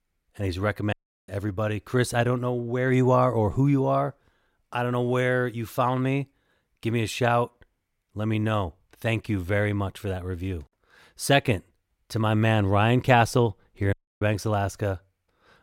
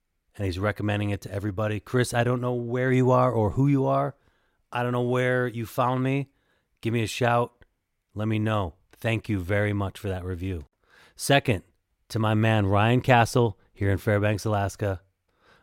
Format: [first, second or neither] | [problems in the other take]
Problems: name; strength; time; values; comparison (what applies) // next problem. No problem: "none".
second | audio cutting out; at 1 s and at 14 s